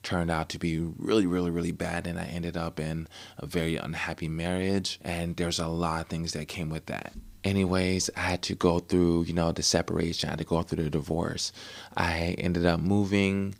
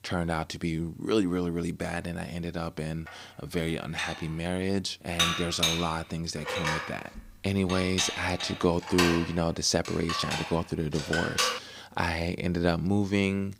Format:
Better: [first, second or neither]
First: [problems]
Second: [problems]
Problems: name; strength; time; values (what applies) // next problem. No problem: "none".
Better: first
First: none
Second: clattering dishes; loud; from 4 to 12 s; peak 4 dB above the speech